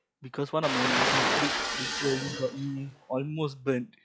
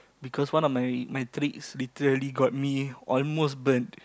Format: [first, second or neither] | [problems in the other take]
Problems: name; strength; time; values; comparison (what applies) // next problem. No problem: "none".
second | noise reduction (classical method log-MMSE)